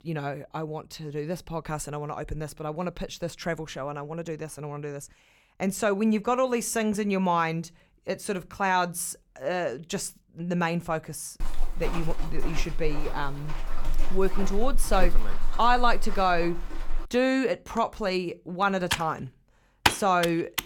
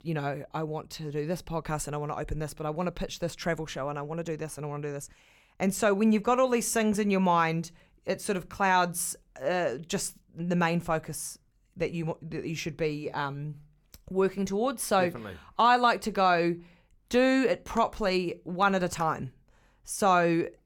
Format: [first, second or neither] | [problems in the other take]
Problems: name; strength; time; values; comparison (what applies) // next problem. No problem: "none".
second | footsteps; noticeable; from 11 to 17 s; peak 3 dB below the speech // keyboard typing; loud; from 19 s on; peak 4 dB above the speech